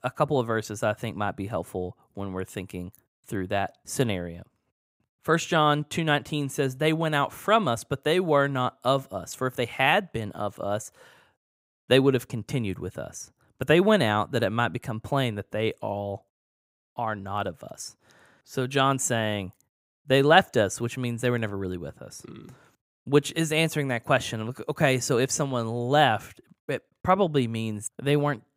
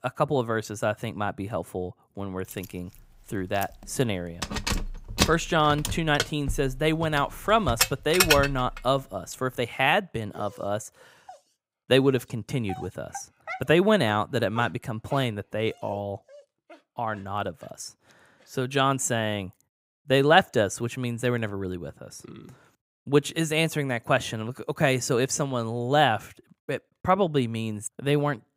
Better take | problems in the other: first | jangling keys; loud; from 3.5 to 8.5 s; peak 5 dB above the speech // dog barking; faint; from 10 to 17 s; peak 10 dB below the speech

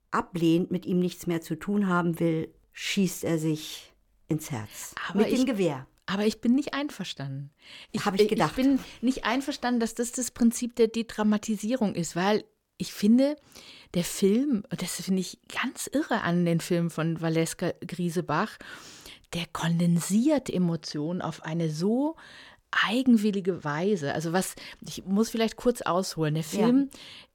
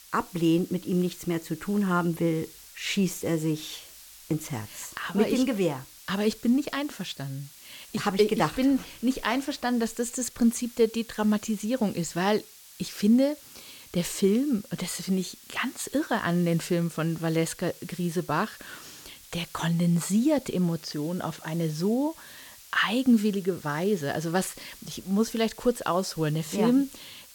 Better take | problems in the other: first | hiss; noticeable; throughout; 20 dB below the speech

